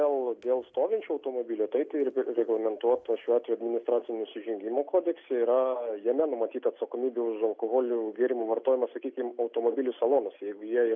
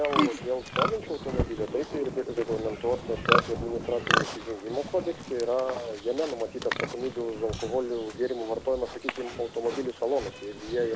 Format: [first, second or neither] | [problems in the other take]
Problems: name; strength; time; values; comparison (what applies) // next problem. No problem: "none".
first | background sound (Livestock, farm animals, working animals); 2 dB below the speech